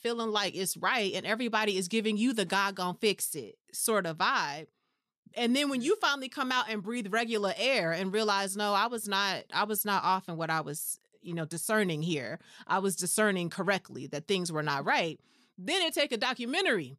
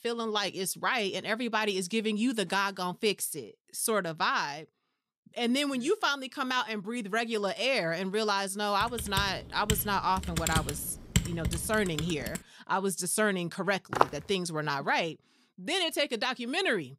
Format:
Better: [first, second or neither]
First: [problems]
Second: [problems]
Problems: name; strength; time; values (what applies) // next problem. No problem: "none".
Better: first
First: none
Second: keyboard typing; loud; from 9 to 12 s; peak level with the speech // footsteps; loud; at 14 s; peak 1 dB above the speech